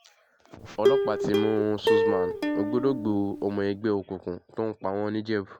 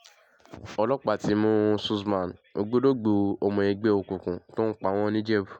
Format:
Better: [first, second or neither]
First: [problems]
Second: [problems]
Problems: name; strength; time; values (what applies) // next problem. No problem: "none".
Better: second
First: background sound (Plucked string instrument); 2 dB above the speech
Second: none